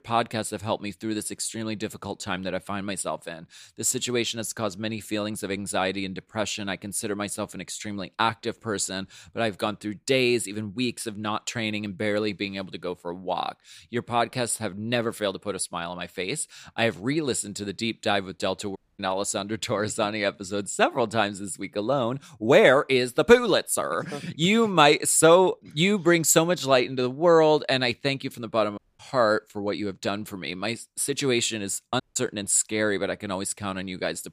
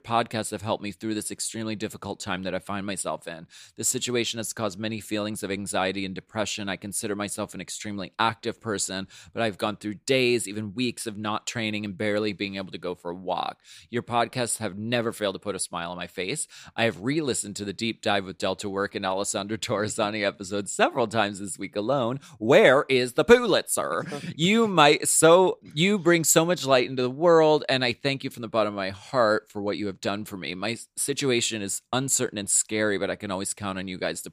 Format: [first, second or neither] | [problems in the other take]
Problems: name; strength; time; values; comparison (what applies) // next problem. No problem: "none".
second | audio cutting out; at 19 s, at 29 s and at 32 s